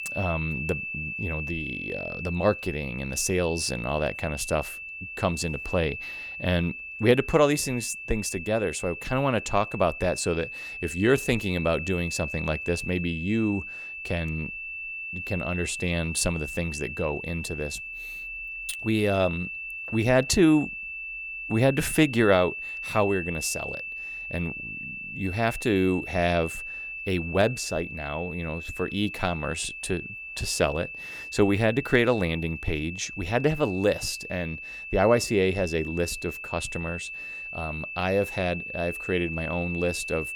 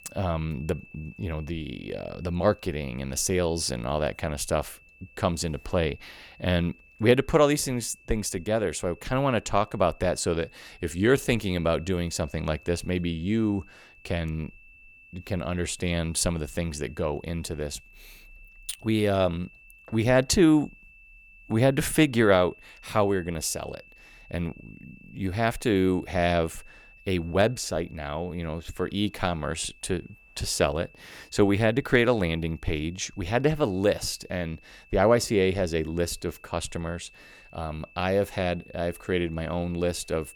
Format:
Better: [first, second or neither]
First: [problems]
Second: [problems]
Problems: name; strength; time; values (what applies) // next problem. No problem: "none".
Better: second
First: high-pitched whine; loud; throughout; 2.5 kHz, 7 dB below the speech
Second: high-pitched whine; faint; throughout; 2.5 kHz, 25 dB below the speech